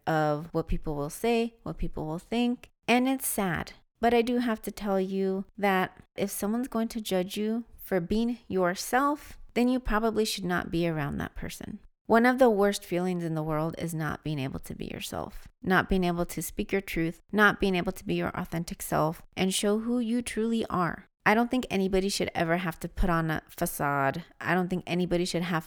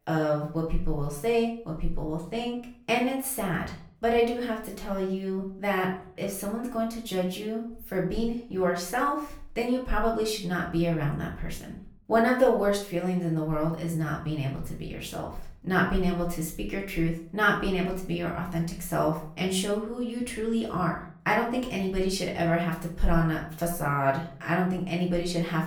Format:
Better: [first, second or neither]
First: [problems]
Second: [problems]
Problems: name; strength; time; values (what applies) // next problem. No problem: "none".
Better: first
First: none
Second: off-mic speech; far // room echo; slight; dies away in 0.4 s